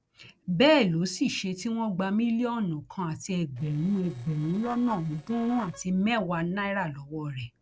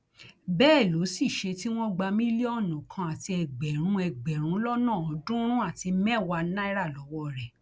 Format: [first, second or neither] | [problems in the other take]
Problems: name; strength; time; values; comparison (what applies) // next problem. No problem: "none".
second | noise reduction (neural separator model SepFormer DNS4)